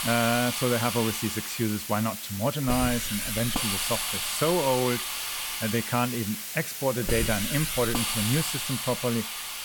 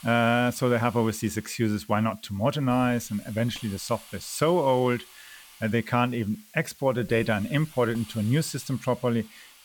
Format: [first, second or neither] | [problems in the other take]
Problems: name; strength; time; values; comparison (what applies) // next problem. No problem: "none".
second | hiss; loud; throughout; 1 dB below the speech; faint in the second